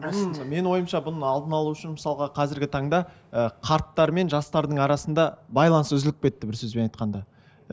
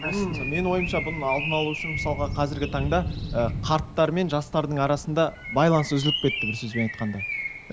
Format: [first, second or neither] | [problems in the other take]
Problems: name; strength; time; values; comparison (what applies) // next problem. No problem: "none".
first | background sound (Thunder / Rain + Bird); 6 dB below the speech